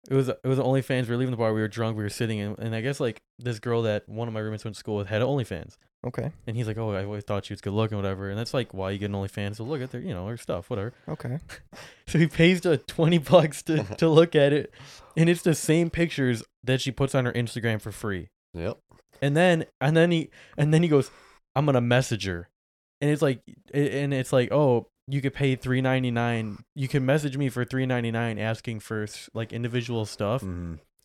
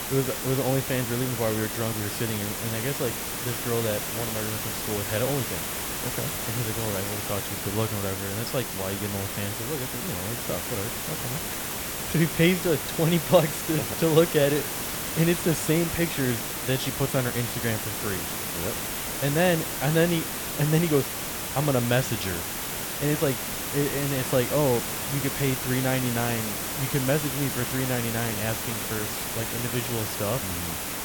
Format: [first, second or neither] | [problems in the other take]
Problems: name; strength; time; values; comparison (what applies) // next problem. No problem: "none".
first | hiss; loud; throughout; 1 dB below the speech